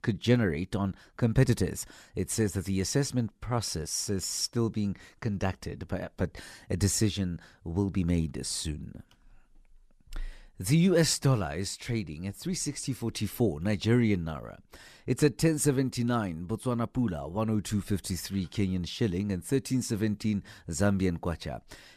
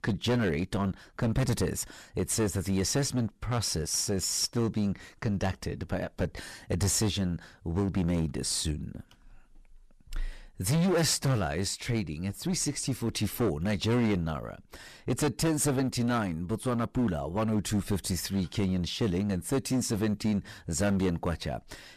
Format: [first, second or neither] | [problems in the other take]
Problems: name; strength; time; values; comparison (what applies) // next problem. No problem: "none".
first | distortion; heavy; 11% of the sound clipped